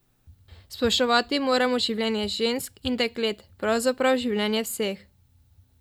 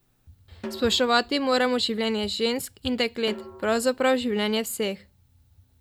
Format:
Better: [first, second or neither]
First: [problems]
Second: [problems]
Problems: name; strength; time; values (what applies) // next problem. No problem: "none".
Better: first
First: none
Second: background sound (Snare drum); 18 dB below the speech